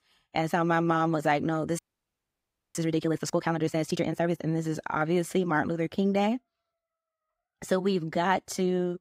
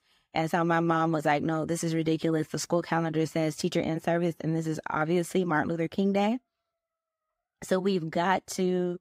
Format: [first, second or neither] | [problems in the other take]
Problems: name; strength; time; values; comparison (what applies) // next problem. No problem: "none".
second | audio freezing; at 2 s for 1 s